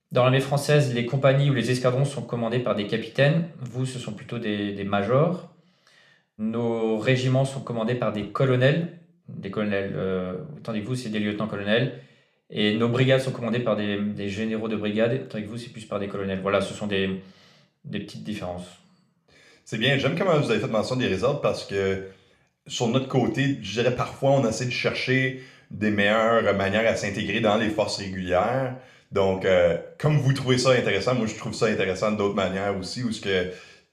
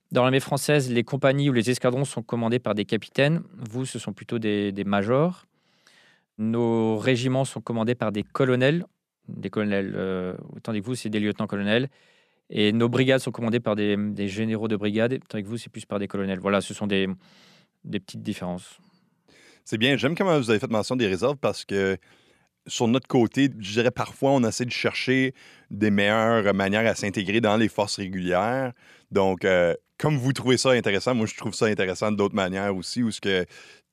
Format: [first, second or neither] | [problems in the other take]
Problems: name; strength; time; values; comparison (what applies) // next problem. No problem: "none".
second | room echo; slight; dies away in 0.4 s